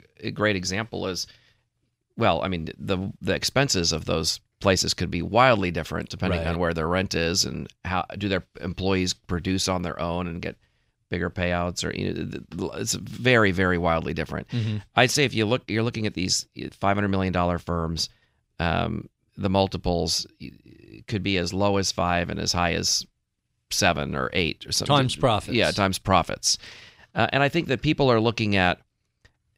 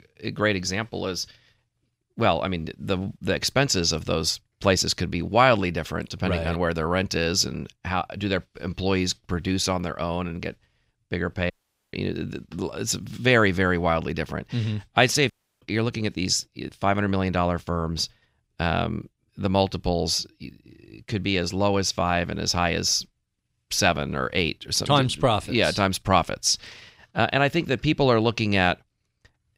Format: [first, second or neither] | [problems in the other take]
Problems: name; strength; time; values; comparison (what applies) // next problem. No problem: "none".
first | audio cutting out; at 12 s and at 15 s